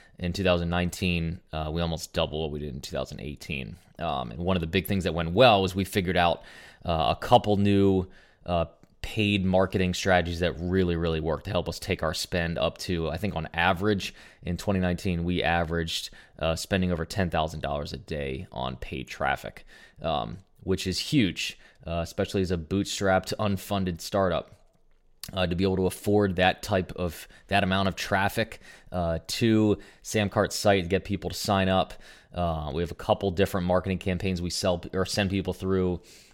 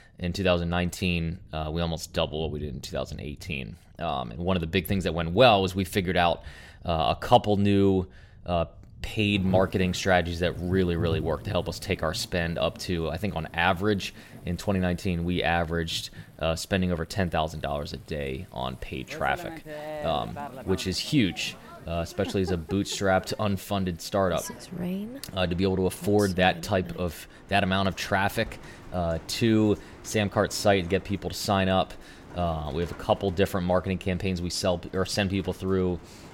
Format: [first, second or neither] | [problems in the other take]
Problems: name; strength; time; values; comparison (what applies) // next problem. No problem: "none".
first | rain or running water; noticeable; throughout; 15 dB below the speech